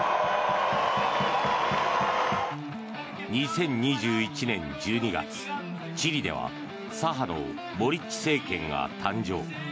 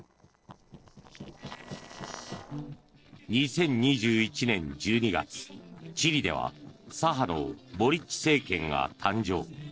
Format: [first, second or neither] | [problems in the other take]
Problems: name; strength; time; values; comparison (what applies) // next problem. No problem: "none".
first | noise reduction (neural separator model SepFormer DNS4)